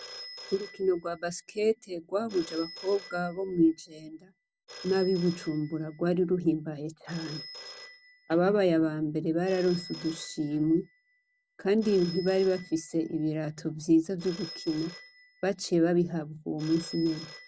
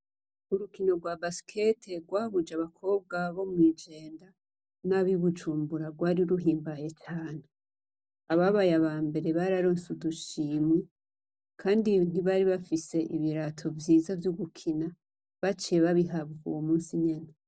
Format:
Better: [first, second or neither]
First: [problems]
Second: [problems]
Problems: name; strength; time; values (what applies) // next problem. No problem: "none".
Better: second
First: background sound (Telephone); 18 dB below the speech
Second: none